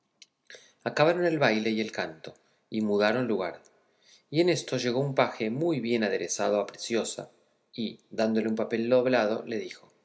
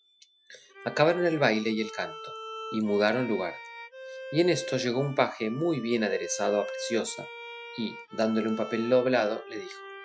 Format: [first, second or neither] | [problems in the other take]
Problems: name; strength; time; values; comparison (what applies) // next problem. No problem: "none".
first | noise reduction (classical method Wiener filter)